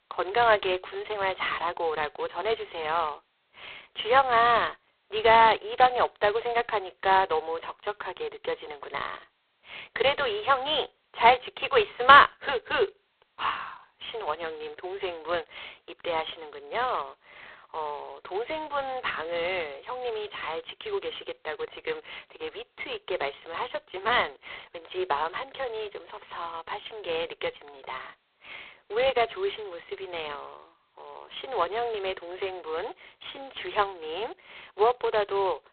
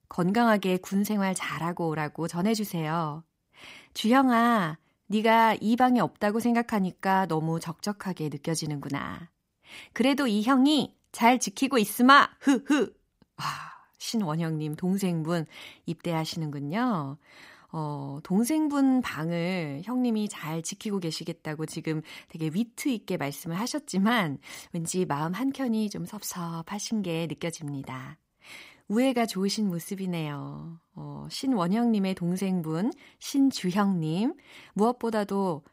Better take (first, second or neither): second